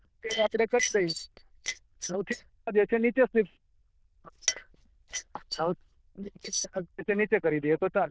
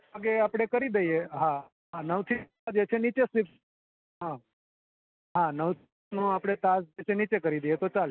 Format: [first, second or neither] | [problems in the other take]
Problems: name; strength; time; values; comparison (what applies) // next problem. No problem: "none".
second | noise reduction (neural diffusion model UNIVERSE++)